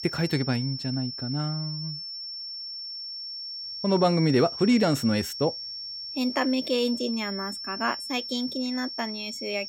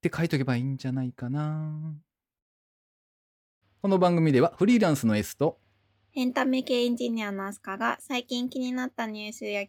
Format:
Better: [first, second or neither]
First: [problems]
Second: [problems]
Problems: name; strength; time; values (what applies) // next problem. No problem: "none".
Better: second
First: high-pitched whine; loud; throughout; 5.5 kHz, 7 dB below the speech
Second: none